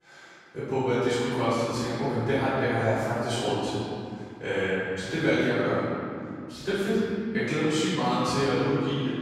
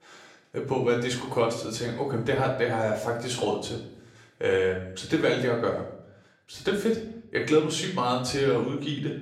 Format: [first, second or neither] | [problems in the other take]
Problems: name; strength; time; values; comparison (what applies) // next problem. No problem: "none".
second | room echo; strong; dies away in 2.5 s; slight in the second // off-mic speech; far; somewhat distant in the second